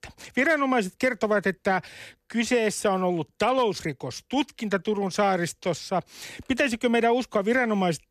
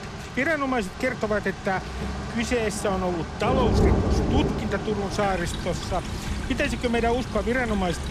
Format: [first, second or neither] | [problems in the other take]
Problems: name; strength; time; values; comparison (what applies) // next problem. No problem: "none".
first | rain or running water; loud; throughout; 2 dB below the speech